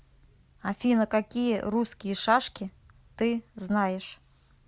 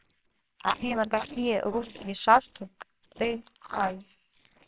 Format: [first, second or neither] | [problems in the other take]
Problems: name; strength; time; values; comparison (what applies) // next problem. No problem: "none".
first | noise reduction (neural separator model SepFormer WHAMR!)